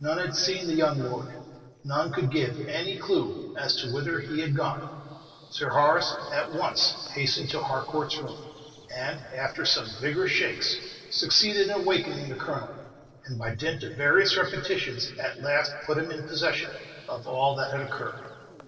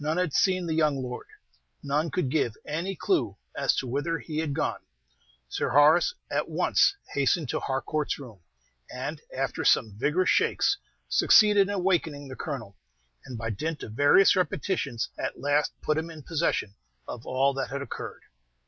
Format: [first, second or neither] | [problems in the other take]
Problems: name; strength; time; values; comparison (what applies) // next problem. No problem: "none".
second | noise reduction (neural separator model SepFormer DNS4)